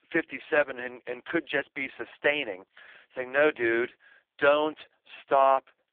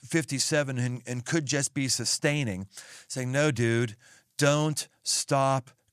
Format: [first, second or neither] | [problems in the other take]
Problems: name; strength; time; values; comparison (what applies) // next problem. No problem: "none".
second | phone-call audio; poor line